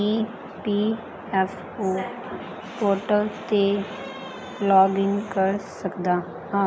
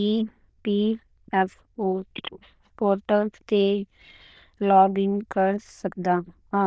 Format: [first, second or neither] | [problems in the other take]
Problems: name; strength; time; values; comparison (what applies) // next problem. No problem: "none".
first | noise reduction (neural diffusion model UNIVERSE++)